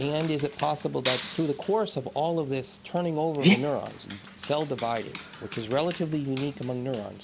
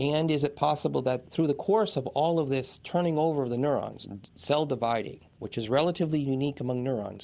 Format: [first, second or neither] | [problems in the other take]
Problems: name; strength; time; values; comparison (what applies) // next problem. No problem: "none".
second | background sound (Clapping + Dog); 5 dB below the speech